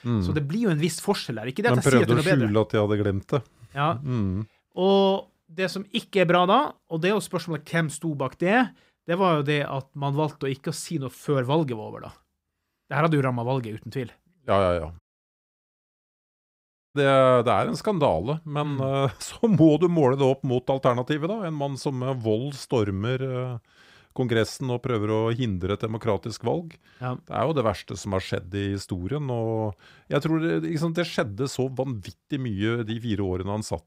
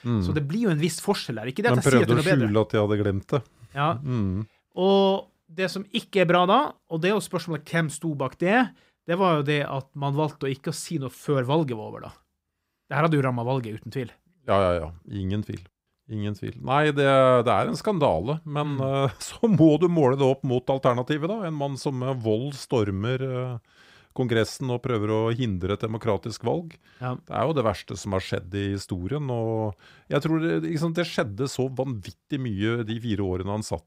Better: second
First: audio cutting out; at 15 s for 2 s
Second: none

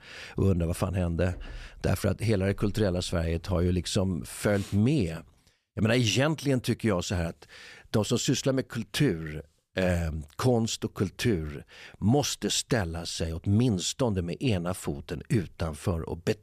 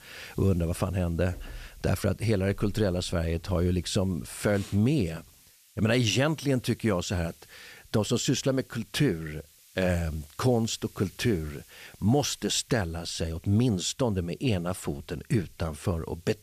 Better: first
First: none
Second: hiss; faint; throughout; 25 dB below the speech

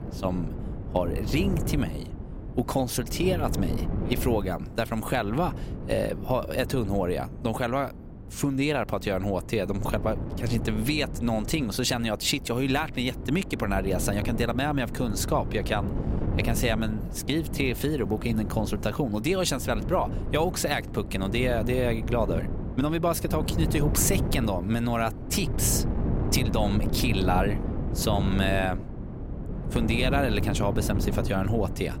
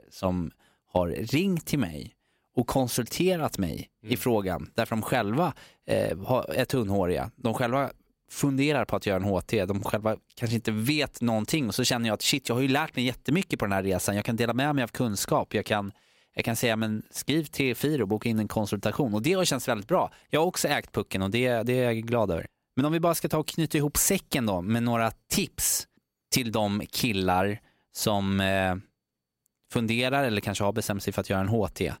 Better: second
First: wind noise on the microphone; occasional gusts; 10 dB below the speech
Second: none

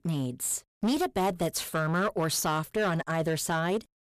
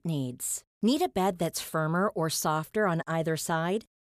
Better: second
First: distortion; slight; 11% of the sound clipped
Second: none

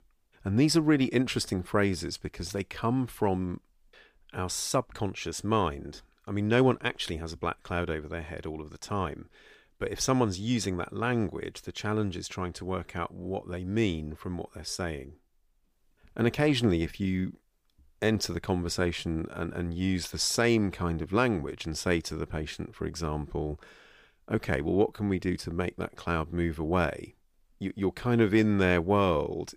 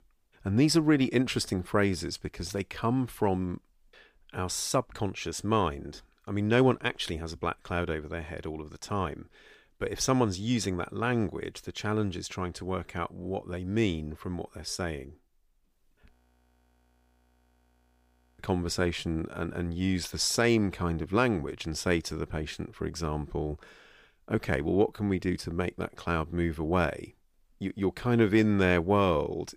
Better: first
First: none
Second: audio freezing; at 16 s for 2.5 s

